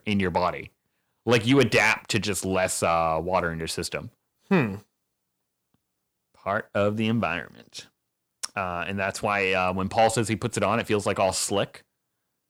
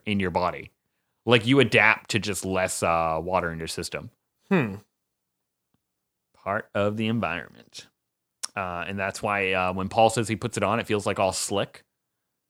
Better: second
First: distortion; slight; 10 dB below the speech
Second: none

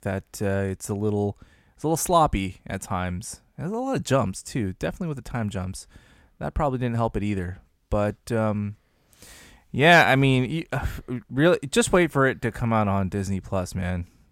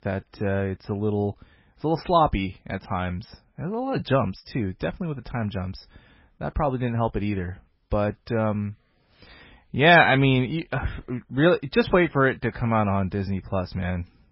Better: first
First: none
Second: garbled, watery; badly; nothing above 5.5 kHz

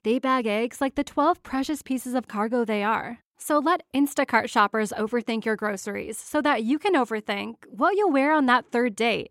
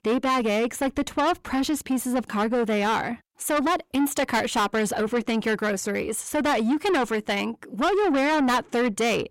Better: first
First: none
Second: distortion; heavy; 7 dB below the speech

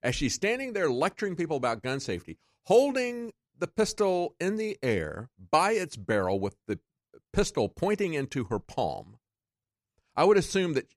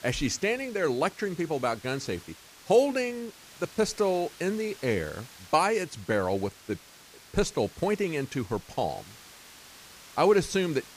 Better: first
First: none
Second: hiss; noticeable; throughout; 20 dB below the speech

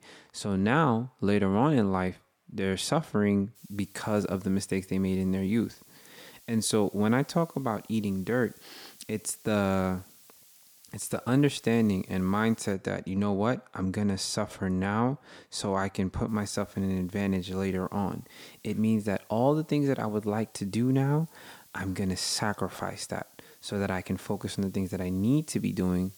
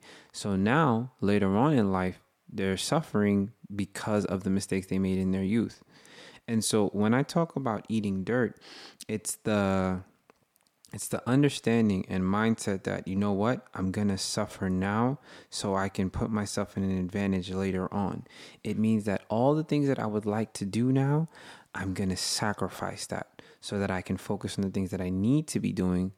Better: second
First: hiss; faint; from 3.5 to 13 s and from 16 s on; 25 dB below the speech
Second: none

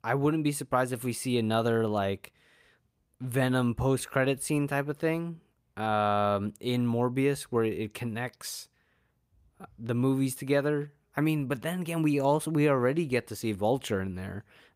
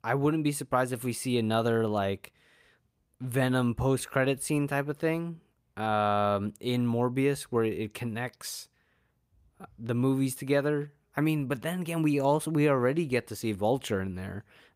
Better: neither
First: none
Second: none

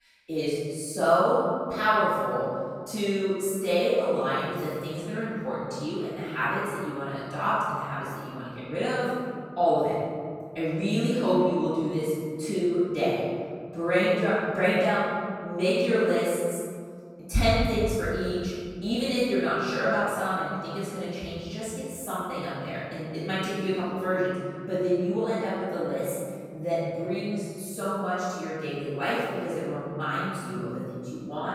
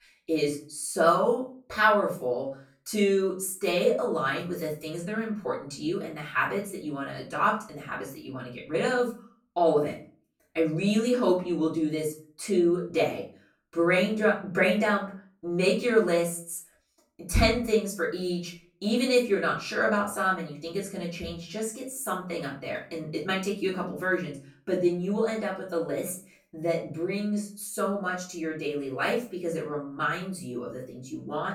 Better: second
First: room echo; strong; dies away in 2.2 s // off-mic speech; far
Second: room echo; slight; dies away in 0.3 s // off-mic speech; far

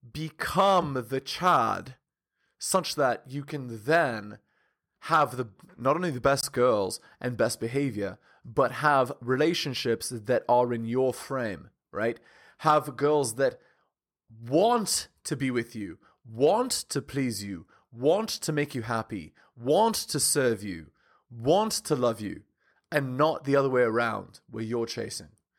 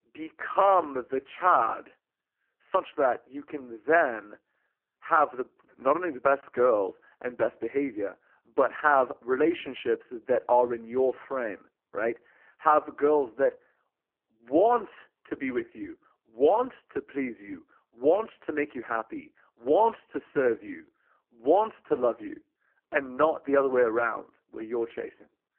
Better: first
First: none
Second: phone-call audio; poor line

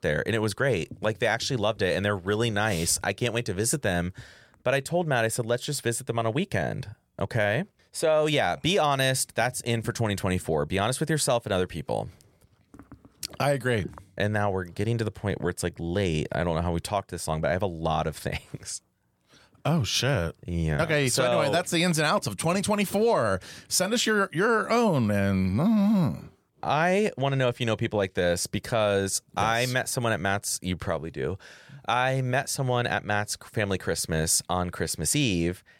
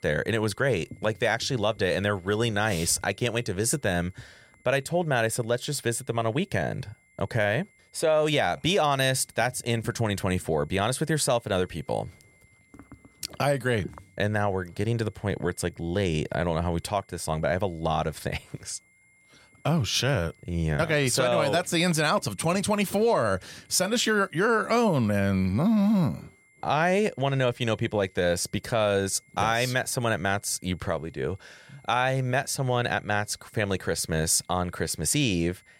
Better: first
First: none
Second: high-pitched whine; faint; throughout; 2 kHz, 35 dB below the speech

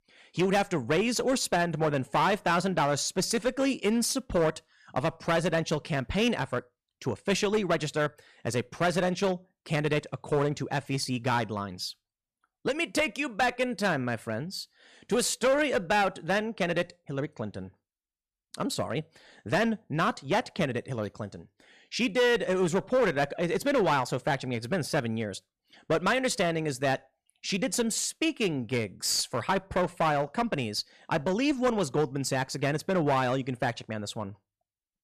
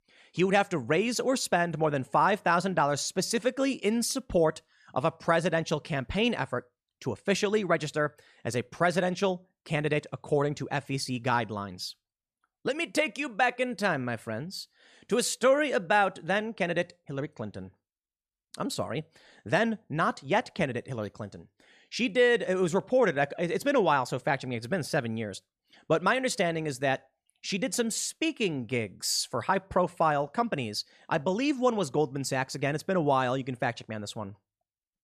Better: second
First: distortion; slight; 6% of the sound clipped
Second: none

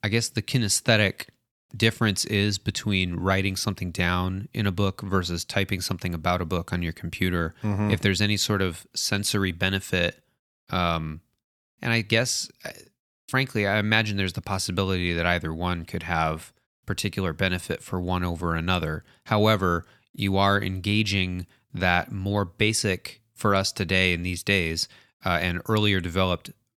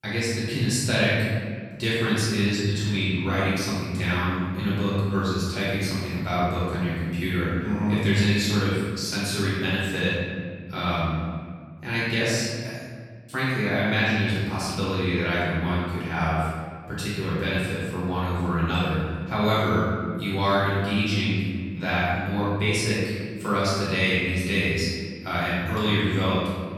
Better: first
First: none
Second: room echo; strong; dies away in 1.8 s // off-mic speech; far

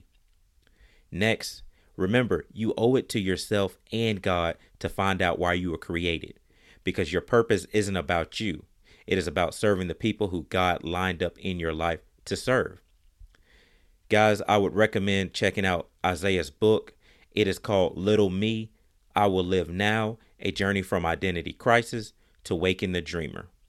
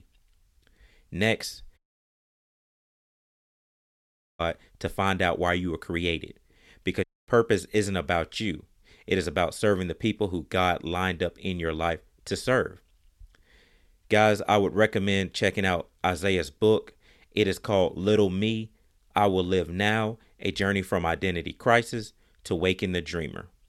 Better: first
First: none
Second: audio cutting out; at 2 s for 2.5 s and at 7 s

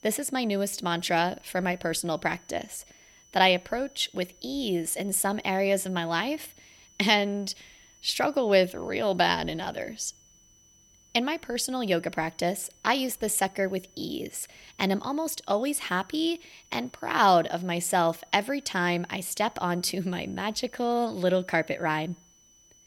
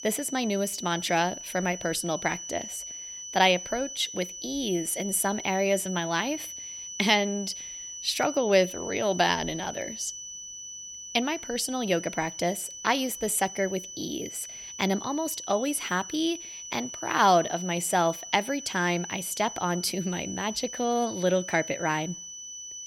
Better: first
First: high-pitched whine; faint; throughout; 6 kHz, 30 dB below the speech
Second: high-pitched whine; loud; throughout; 6 kHz, 9 dB below the speech

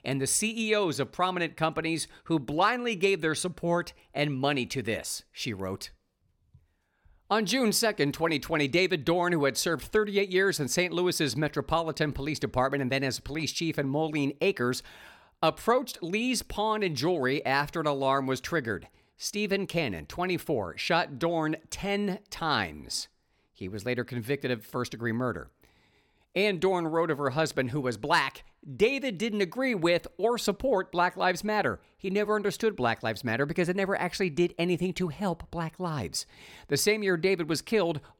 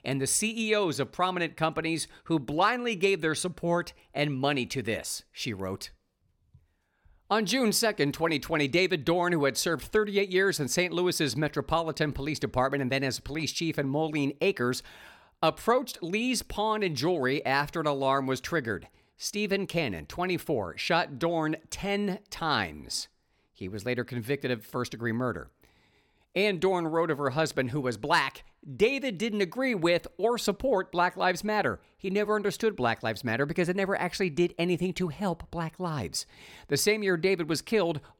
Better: neither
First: none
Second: none

